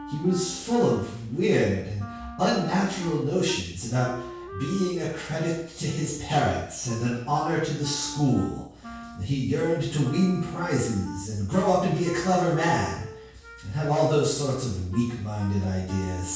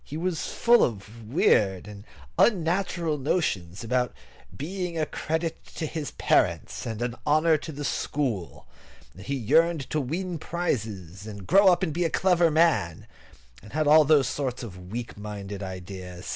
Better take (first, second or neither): second